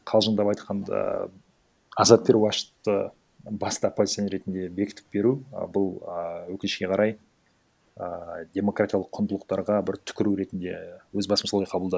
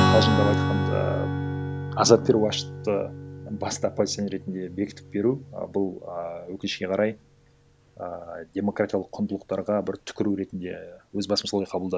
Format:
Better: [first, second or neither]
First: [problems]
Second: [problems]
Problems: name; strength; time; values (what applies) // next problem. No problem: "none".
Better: first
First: none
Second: background sound (Strum); 4 dB below the speech